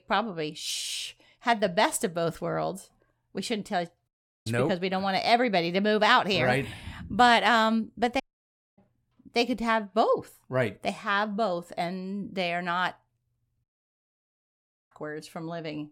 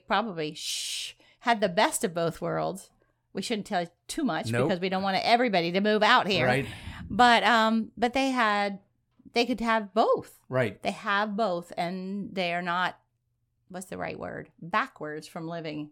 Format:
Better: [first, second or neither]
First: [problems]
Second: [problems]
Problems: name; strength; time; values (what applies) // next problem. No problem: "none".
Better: second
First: audio cutting out; at 4 s, at 8 s for 0.5 s and at 14 s for 1.5 s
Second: none